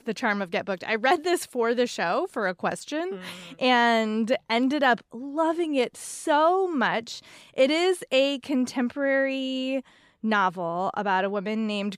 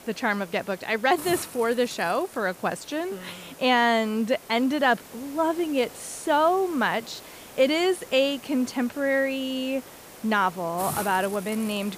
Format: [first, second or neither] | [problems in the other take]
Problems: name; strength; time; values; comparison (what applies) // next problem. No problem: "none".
first | hiss; noticeable; throughout; 15 dB below the speech